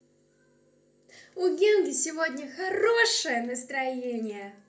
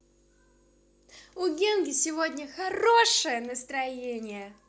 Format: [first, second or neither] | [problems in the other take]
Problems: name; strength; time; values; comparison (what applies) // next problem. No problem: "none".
second | room echo; dies away in 0.3 s